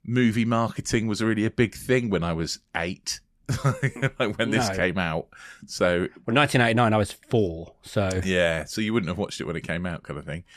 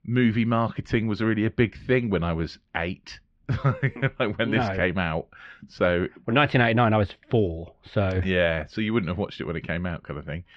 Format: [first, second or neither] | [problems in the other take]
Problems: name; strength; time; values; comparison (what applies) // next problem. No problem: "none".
first | muffled; slightly; fading above 3.5 kHz